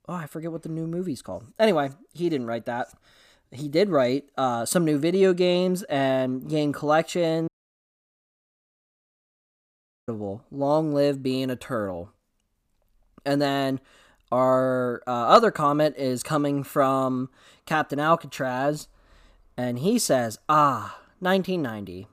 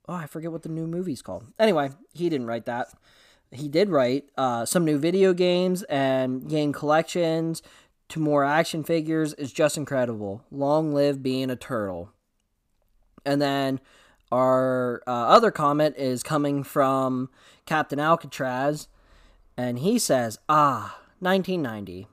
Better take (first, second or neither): second